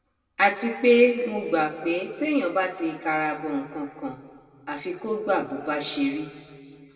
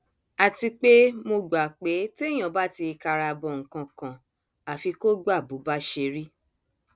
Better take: second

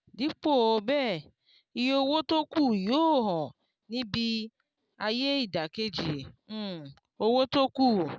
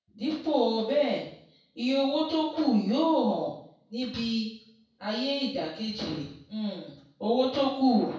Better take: first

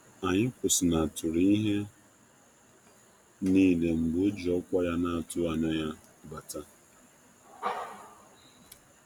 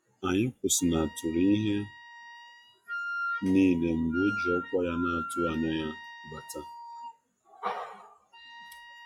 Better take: first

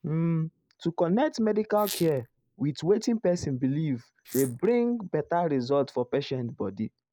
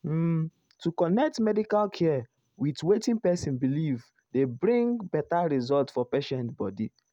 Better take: second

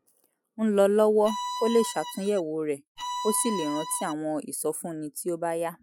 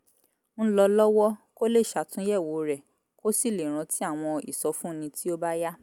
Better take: second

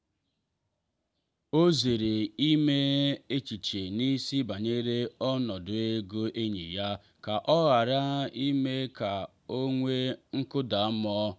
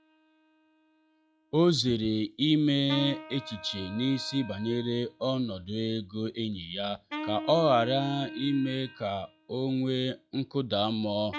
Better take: first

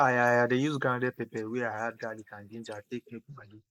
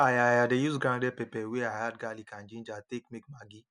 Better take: second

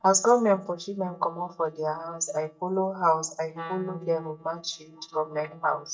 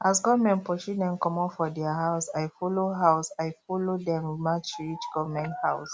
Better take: second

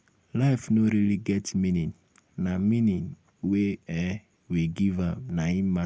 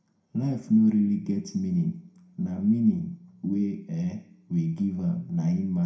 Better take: first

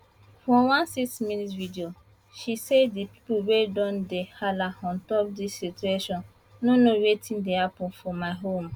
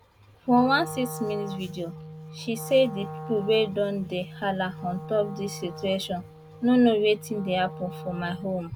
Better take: first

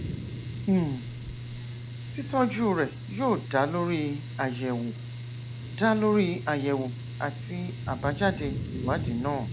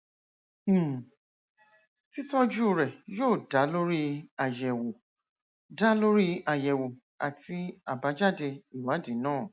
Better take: second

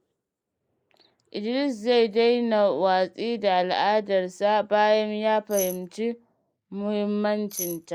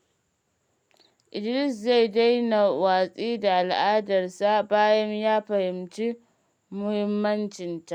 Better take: second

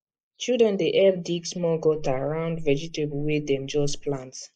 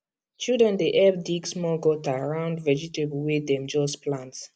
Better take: second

